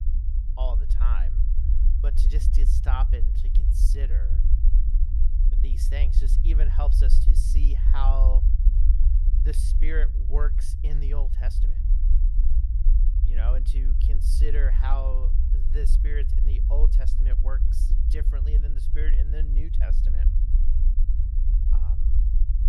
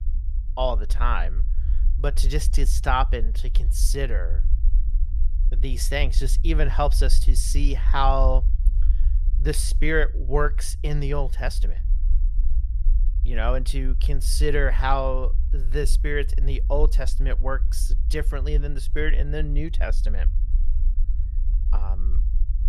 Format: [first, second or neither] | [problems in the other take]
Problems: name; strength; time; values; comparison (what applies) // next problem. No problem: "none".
second | low rumble; loud; throughout; 6 dB below the speech; faint in the second